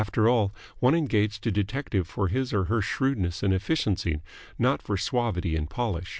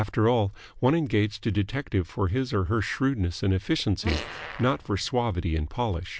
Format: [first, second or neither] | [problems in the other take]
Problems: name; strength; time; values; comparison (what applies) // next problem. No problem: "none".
first | background sound (Fart); 12 dB below the speech